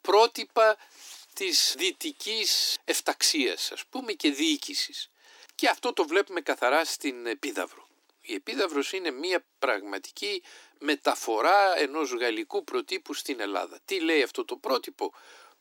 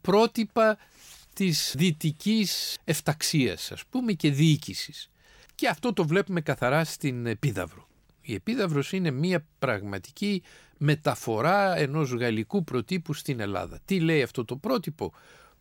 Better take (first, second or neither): second